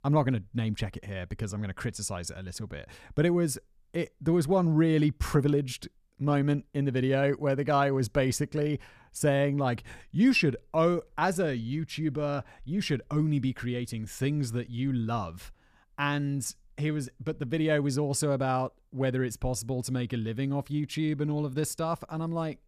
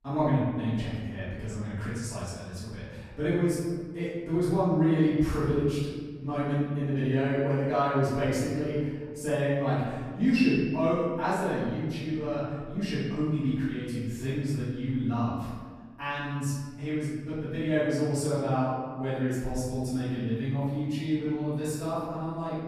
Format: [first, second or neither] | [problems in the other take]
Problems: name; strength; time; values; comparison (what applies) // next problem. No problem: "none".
first | room echo; strong; dies away in 1.5 s // off-mic speech; far